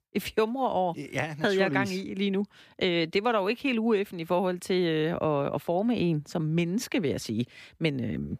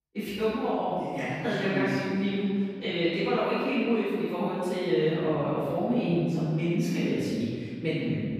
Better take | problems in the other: first | off-mic speech; far // room echo; strong; dies away in 1.9 s

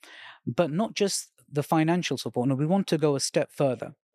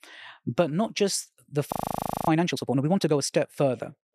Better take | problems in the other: first | audio freezing; at 1.5 s for 0.5 s

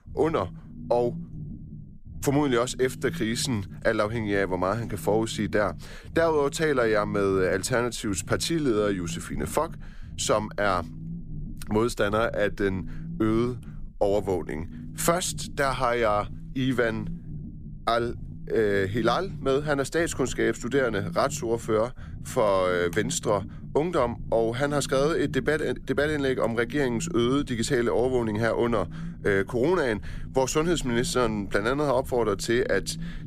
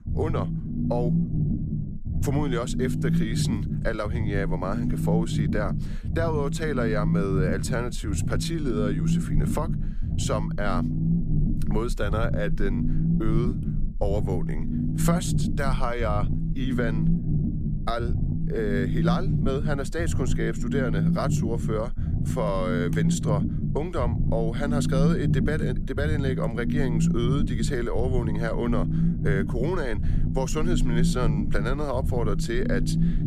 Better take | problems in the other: first | low rumble; loud; throughout; 5 dB below the speech; faint in the first

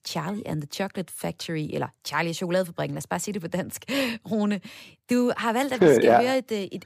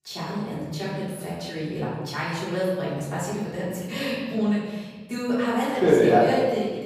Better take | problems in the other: first | off-mic speech; far // room echo; noticeable; dies away in 1.4 s

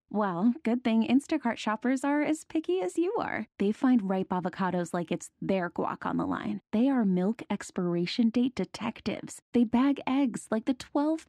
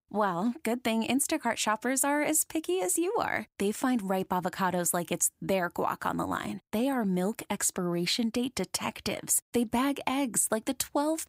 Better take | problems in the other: second | muffled; slightly; fading above 4 kHz

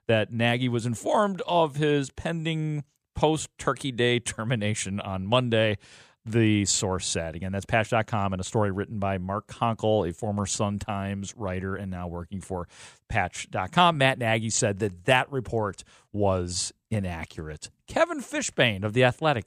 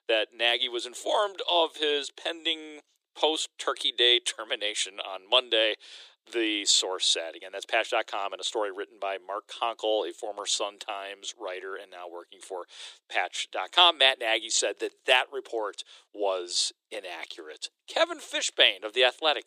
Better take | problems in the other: first | thin; very; fading below 350 Hz

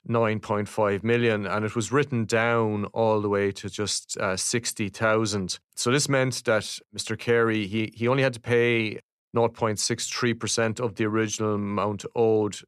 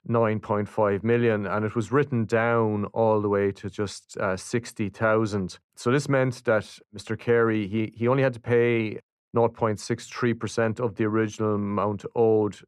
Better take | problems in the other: first | muffled; slightly; fading above 2.5 kHz

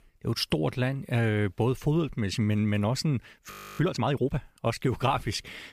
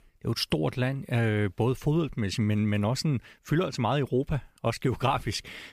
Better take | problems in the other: second | audio freezing; at 3.5 s

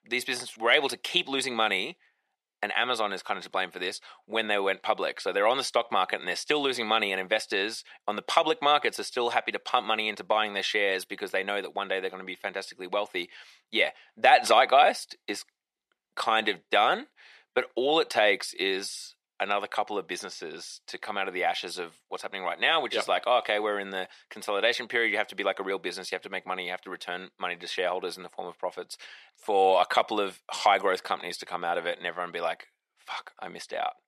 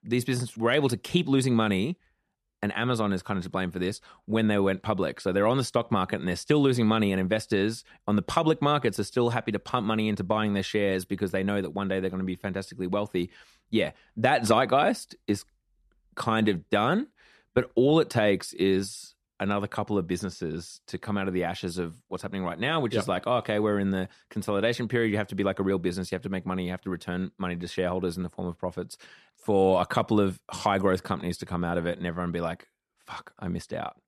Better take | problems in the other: second | thin; very; fading below 550 Hz

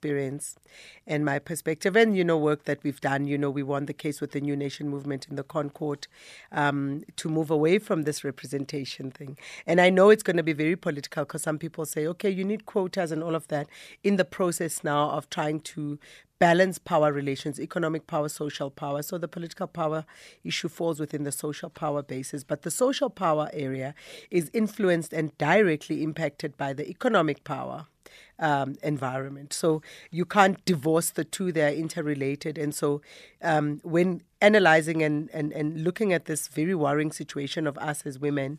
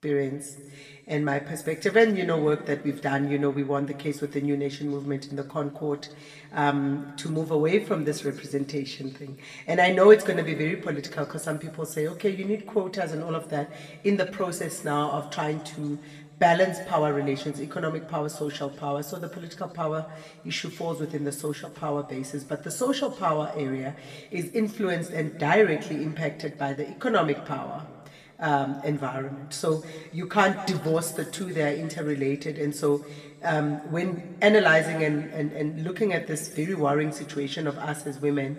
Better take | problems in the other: first | room echo; slight; dies away in 1.4 s // off-mic speech; somewhat distant

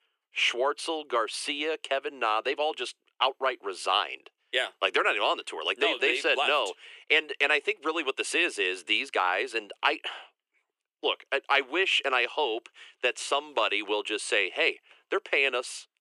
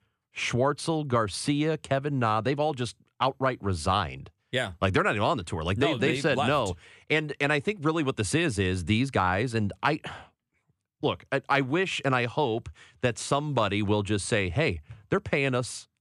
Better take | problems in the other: second | thin; very; fading below 350 Hz

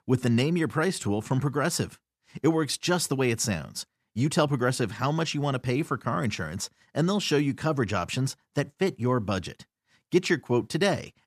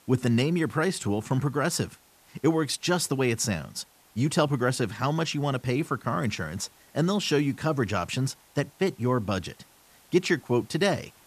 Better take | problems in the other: first | hiss; faint; throughout; 30 dB below the speech

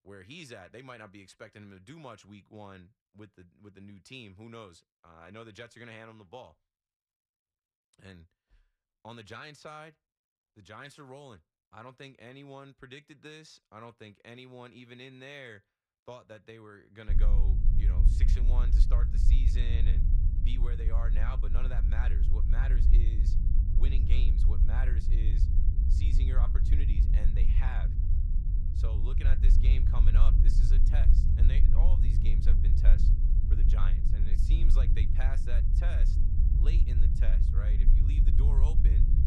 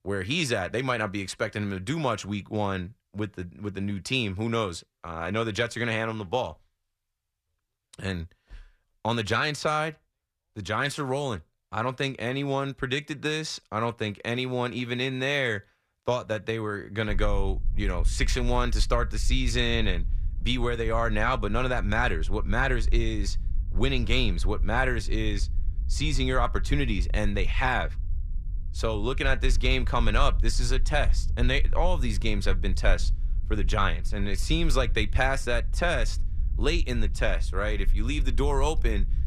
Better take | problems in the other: second | low rumble; loud; from 17 s on; 1 dB below the speech; faint in the second

